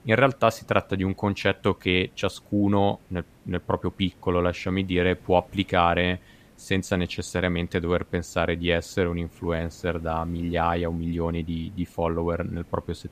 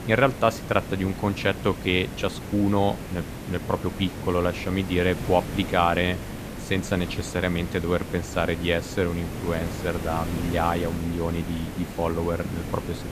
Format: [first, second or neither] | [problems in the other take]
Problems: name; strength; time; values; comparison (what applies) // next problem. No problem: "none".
first | hiss; loud; throughout; 8 dB below the speech; faint in the first